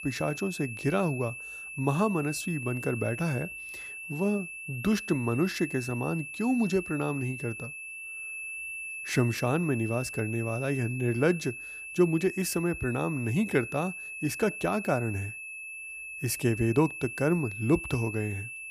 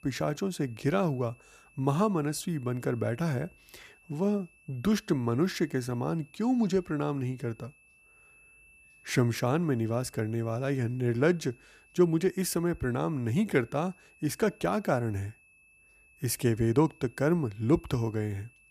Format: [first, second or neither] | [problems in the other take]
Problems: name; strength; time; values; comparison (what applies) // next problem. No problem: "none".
second | high-pitched whine; loud; throughout; 2.5 kHz, 8 dB below the speech; faint in the second